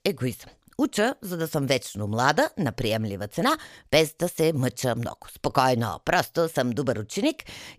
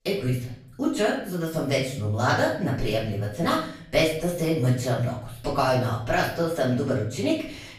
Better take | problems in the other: first | off-mic speech; far // room echo; noticeable; dies away in 0.7 s

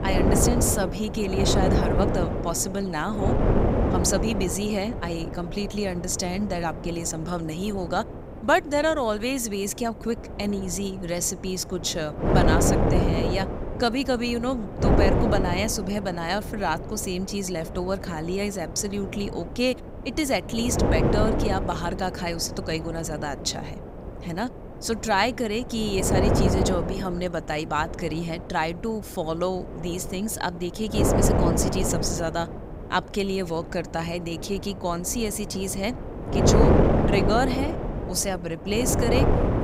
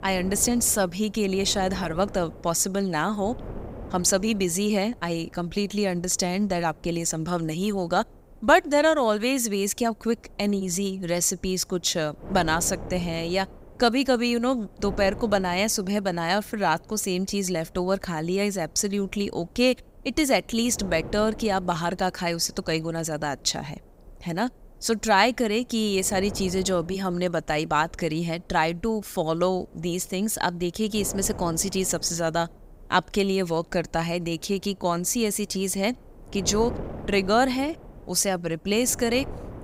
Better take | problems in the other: second | wind noise on the microphone; heavy; 2 dB below the speech; occasional gusts in the second

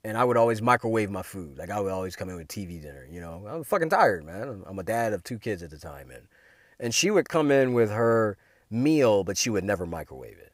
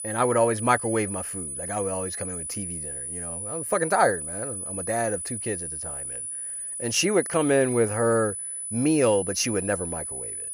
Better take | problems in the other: first | high-pitched whine; loud; throughout; 10 kHz, 6 dB below the speech

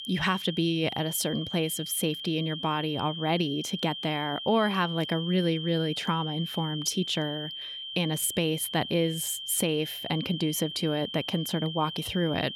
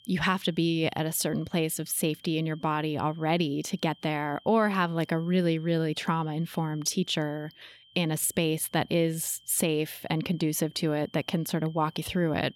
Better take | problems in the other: second | high-pitched whine; loud; throughout; 3 kHz, 7 dB below the speech; faint in the second

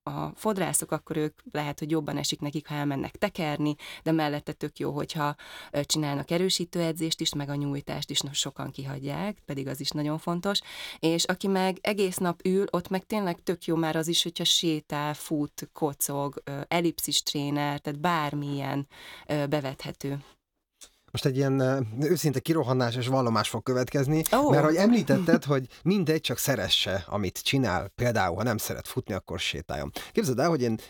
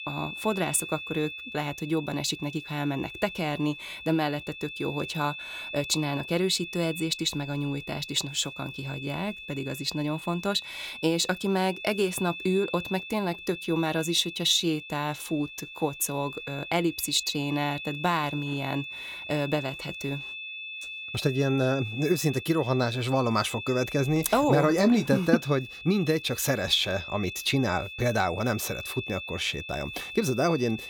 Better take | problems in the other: first | high-pitched whine; loud; throughout; 2.5 kHz, 10 dB below the speech

